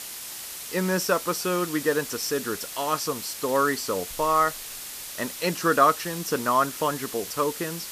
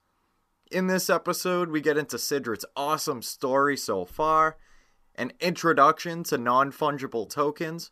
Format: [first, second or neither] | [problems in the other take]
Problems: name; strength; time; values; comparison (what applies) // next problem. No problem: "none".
second | hiss; loud; throughout; 9 dB below the speech